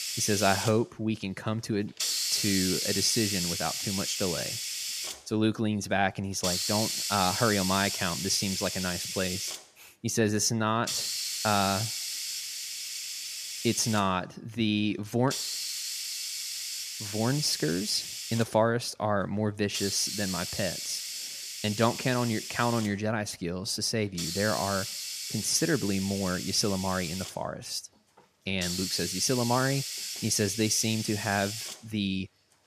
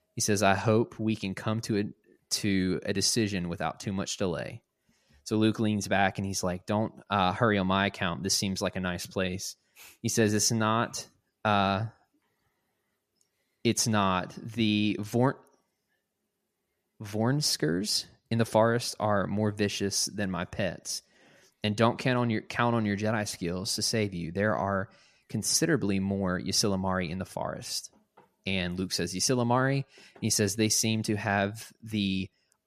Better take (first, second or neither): second